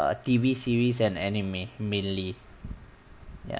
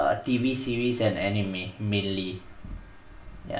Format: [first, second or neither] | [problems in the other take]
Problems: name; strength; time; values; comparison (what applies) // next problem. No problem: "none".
first | room echo; dies away in 0.3 s